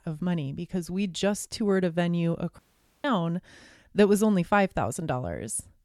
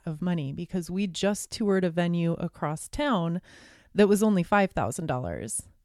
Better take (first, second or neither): second